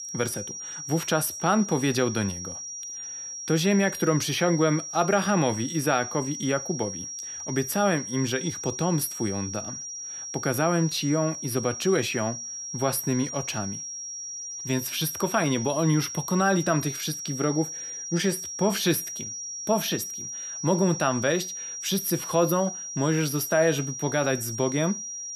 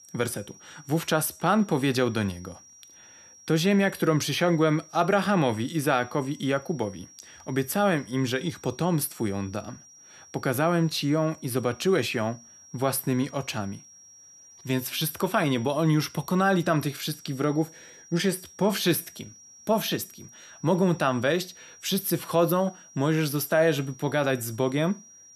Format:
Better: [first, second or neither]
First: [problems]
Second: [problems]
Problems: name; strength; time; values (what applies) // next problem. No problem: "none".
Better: second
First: high-pitched whine; loud; throughout; 5.5 kHz, 7 dB below the speech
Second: high-pitched whine; faint; throughout; 5.5 kHz, 20 dB below the speech